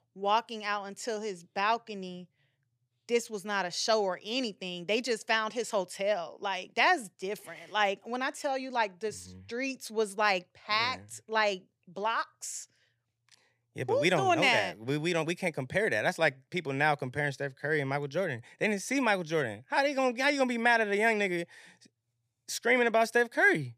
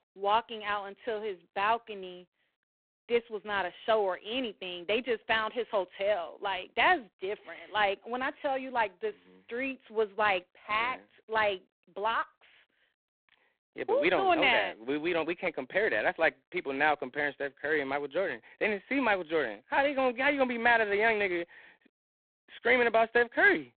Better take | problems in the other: first | phone-call audio; poor line

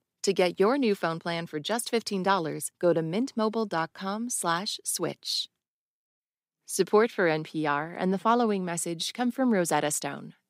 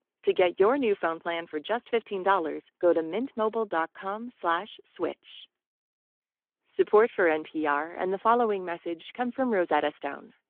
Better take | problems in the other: first | phone-call audio

